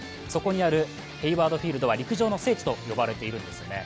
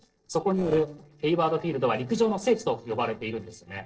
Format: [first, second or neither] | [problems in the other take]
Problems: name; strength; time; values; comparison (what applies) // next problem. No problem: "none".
first | noise reduction (neural separator model SepFormer DNS4)